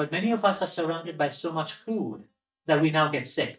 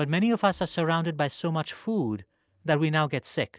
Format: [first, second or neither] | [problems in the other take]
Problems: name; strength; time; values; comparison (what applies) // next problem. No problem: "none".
second | noise reduction (neural mask model DeepFilterNet 3)